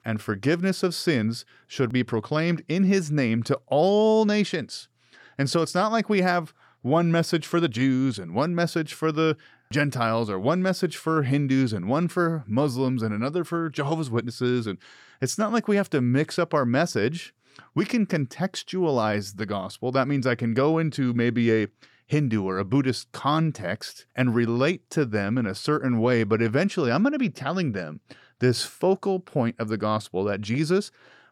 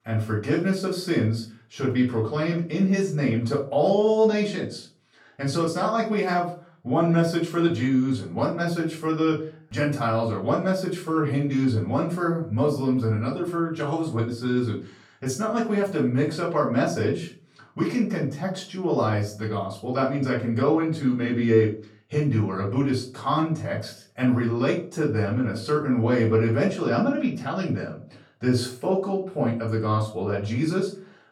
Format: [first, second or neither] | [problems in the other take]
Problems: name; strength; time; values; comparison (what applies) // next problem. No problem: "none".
first | room echo; slight; dies away in 0.3 s // off-mic speech; far